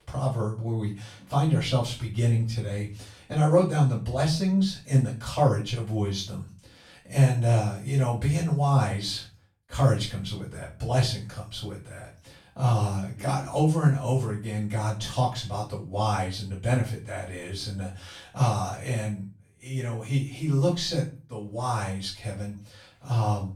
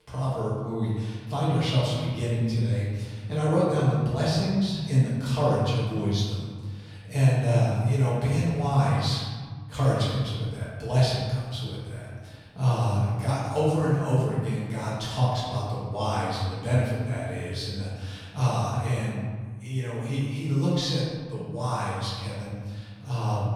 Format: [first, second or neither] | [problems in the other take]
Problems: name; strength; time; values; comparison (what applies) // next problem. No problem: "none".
first | room echo; strong; dies away in 1.6 s; slight in the first // off-mic speech; far; far in the first